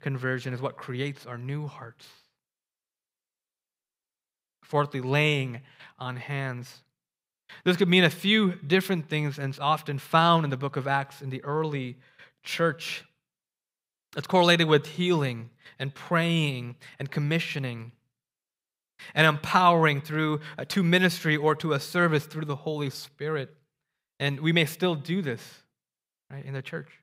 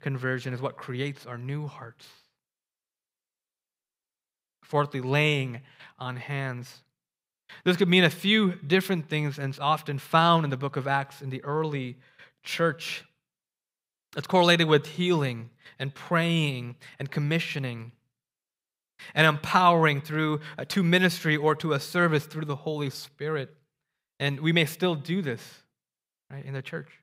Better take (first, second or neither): neither